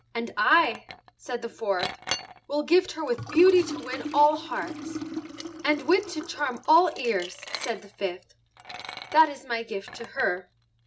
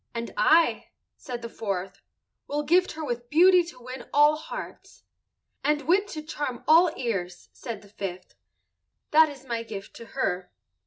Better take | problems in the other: second | background sound (Liquid); 12 dB below the speech

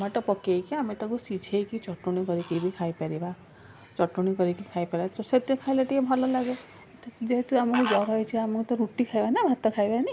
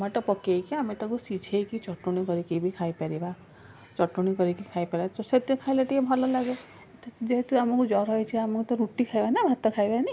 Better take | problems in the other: second | background sound (Fowl); 17 dB below the speech

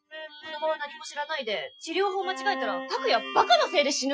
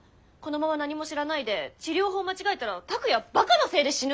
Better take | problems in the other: second | noise reduction (classical method Wiener filter)

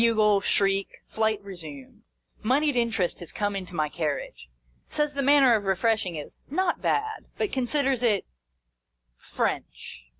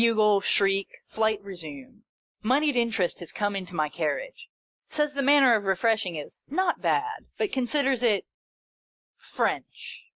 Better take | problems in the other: first | noise reduction (neural mask model Resemble Enhance denoiser)

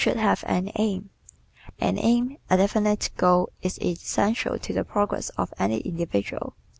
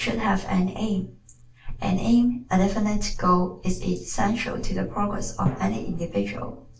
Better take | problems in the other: first | background sound (Drum); 17 dB below the speech // room echo; dies away in 0.3 s

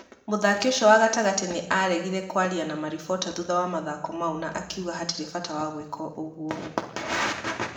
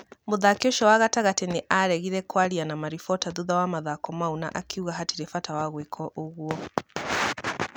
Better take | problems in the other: second | room echo; dies away in 0.9 s

